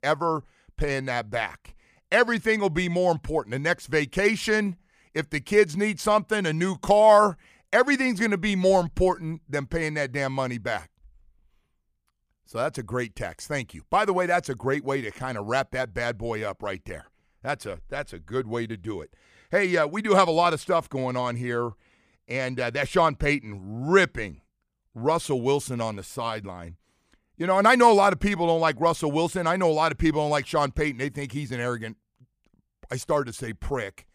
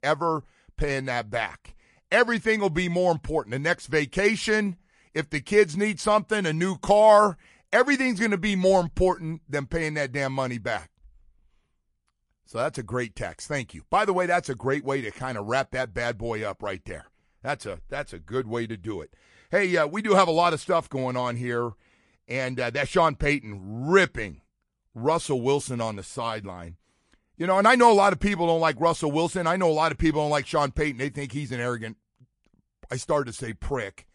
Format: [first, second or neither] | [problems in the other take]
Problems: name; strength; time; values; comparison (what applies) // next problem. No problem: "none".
first | garbled, watery; slightly